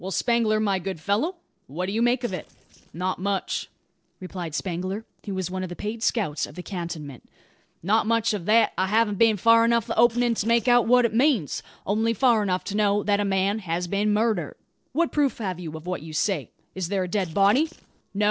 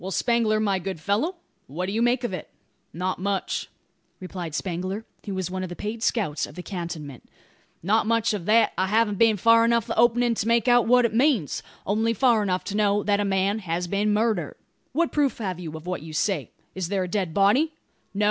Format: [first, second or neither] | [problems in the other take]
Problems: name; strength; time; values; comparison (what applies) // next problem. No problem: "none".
second | noise reduction (neural separator model SepFormer DNS4)